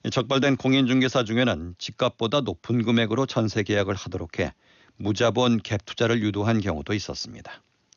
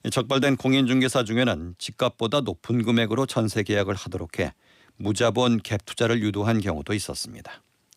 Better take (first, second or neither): second